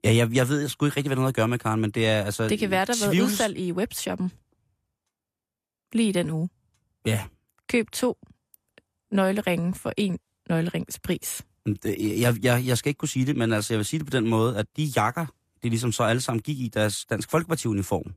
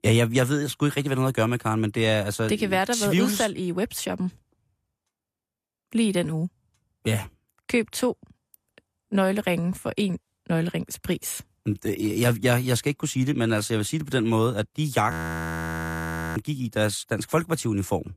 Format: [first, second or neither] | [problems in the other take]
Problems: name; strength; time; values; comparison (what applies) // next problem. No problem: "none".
first | audio freezing; at 15 s for 1.5 s